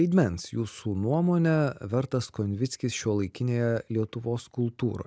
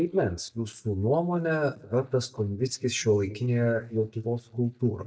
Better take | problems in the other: first | noise reduction (neural mask model DeepFilterNet 3)

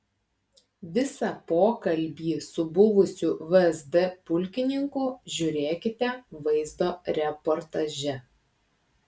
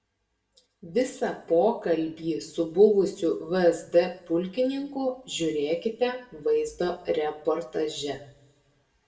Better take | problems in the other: first | room echo; dies away in 0.6 s

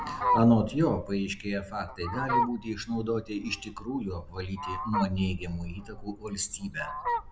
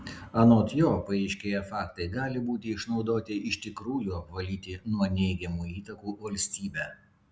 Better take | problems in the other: second | background sound (Fowl); 5 dB below the speech

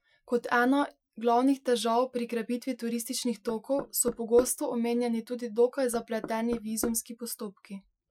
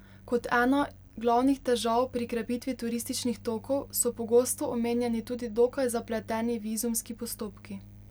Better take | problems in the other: second | noise reduction (classical method Wiener filter)

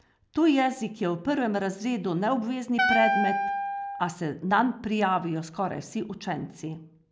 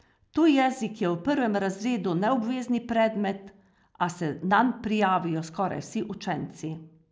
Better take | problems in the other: second | background sound (Wind instrument, woodwind instrument); as loud as the speech

